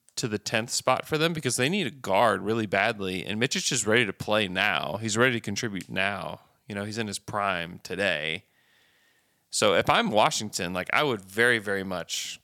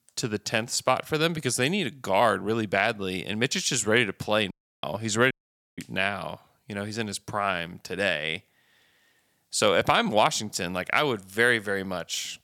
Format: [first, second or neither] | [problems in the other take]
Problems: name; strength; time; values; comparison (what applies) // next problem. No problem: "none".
first | audio cutting out; at 4.5 s and at 5.5 s